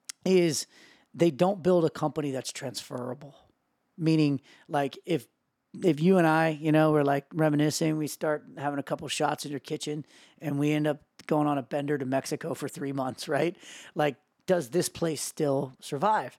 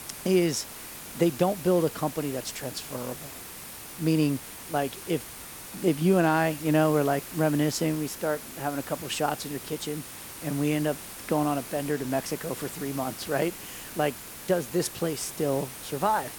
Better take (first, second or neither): first